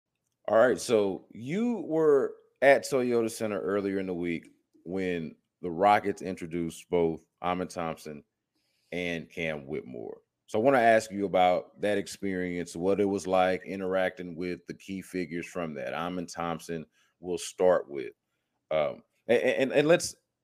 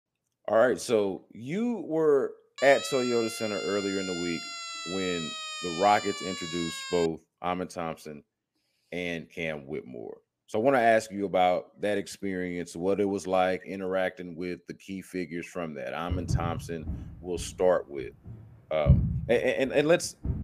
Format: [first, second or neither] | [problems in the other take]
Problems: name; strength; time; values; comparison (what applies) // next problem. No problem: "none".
first | siren; noticeable; from 2.5 to 7 s; peak 6 dB below the speech // footsteps; loud; from 16 s on; peak 4 dB above the speech